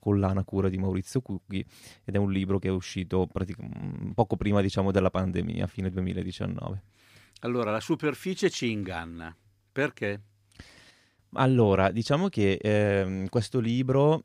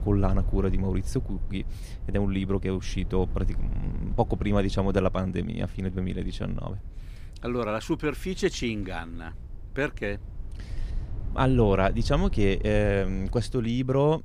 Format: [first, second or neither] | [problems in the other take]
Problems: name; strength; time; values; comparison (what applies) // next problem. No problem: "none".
first | low rumble; faint; throughout; 20 dB below the speech